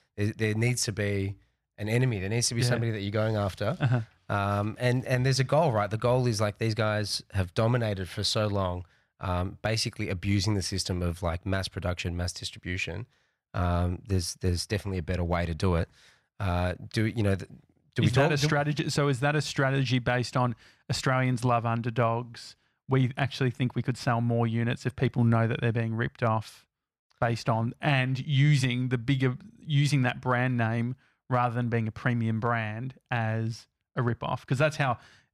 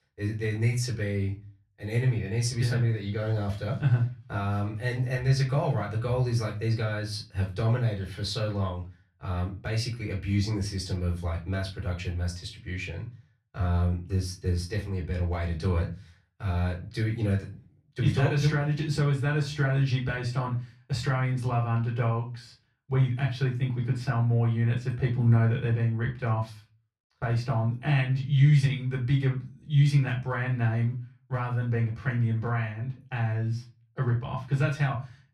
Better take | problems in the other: first | off-mic speech; far // room echo; very slight; dies away in 0.3 s

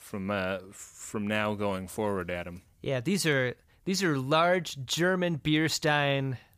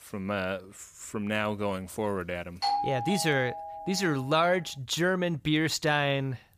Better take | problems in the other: first | doorbell; loud; from 2.5 to 4 s; peak level with the speech

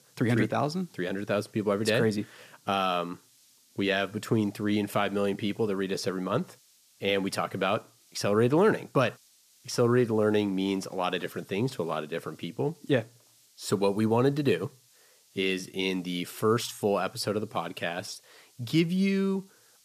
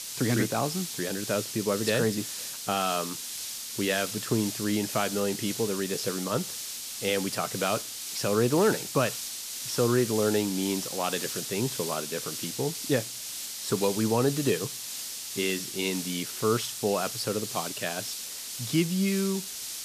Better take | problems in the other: first | hiss; loud; throughout; 5 dB below the speech; faint in the first

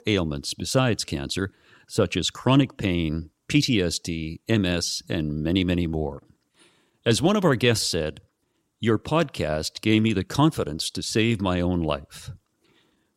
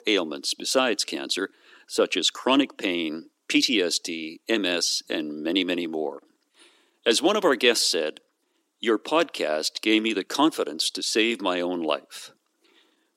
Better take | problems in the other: first | thin; somewhat; fading below 300 Hz

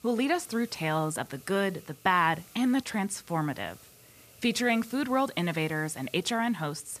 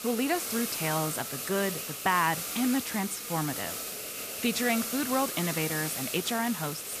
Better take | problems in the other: first | hiss; loud; throughout; 3 dB below the speech; faint in the first

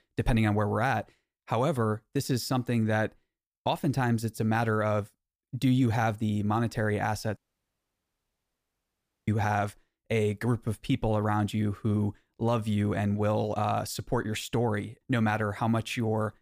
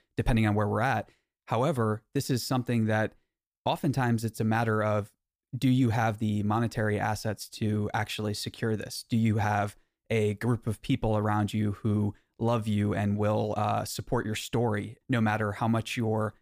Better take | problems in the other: second | audio cutting out; at 7.5 s for 2 s

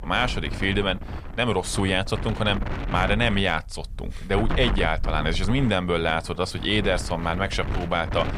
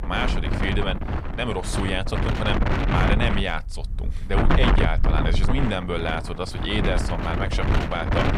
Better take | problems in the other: first | wind noise on the microphone; heavy; 1 dB below the speech; occasional gusts in the first

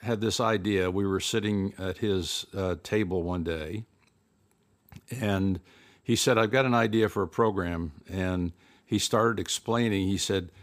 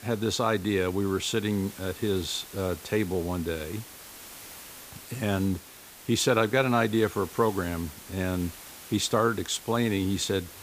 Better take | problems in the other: first | hiss; noticeable; throughout; 15 dB below the speech

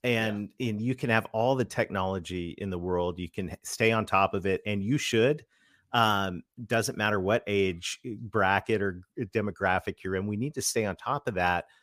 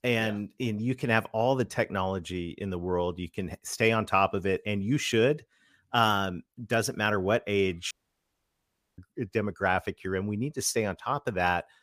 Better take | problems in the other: first | audio cutting out; at 8 s for 1 s

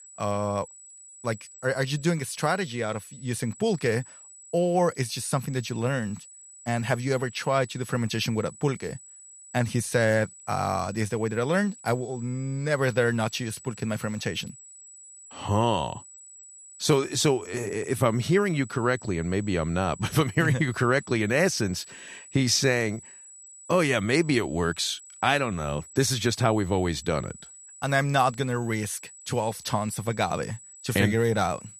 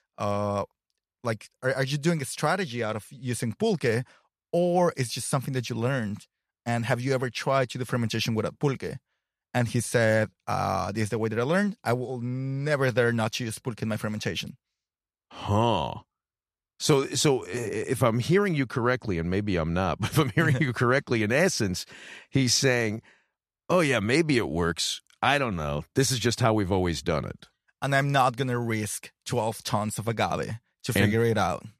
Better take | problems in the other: second | high-pitched whine; noticeable; throughout; 8 kHz, 20 dB below the speech

